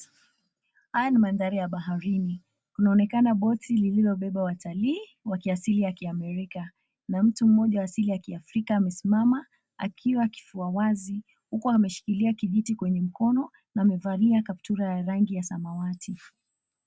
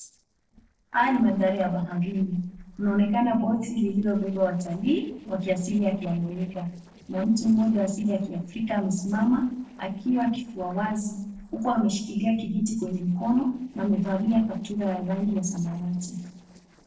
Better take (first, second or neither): first